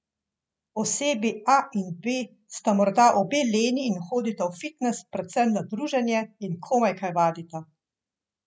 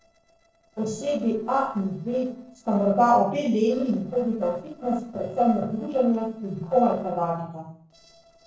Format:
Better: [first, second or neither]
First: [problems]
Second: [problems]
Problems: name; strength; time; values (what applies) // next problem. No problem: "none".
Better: first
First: none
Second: noise reduction (neural separator model SepFormer DNS4)